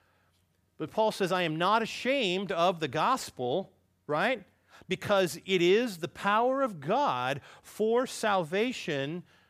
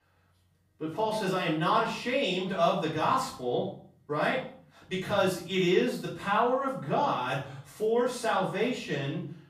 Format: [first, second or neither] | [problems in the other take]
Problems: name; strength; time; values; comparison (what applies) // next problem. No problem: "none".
first | room echo; noticeable; dies away in 0.5 s // off-mic speech; far